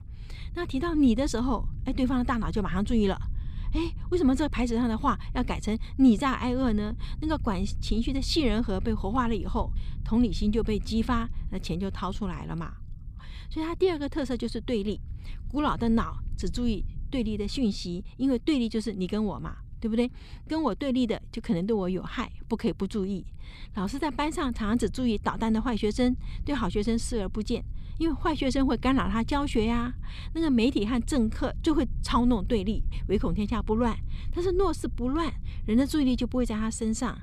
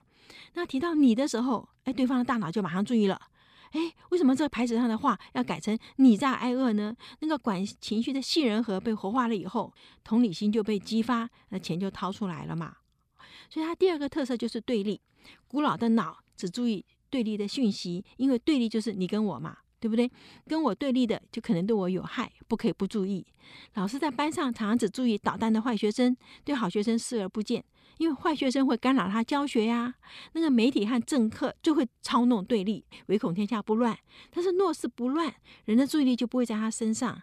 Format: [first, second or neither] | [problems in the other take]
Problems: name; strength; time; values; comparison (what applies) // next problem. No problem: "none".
second | low rumble; faint; throughout; 25 dB below the speech